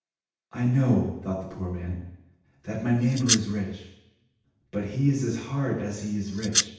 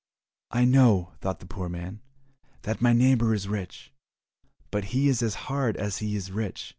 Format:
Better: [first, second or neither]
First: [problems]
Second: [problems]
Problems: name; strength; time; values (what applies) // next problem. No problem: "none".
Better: second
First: background sound (Domestic sounds, home sounds); as loud as the speech // room echo; dies away in 0.9 s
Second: none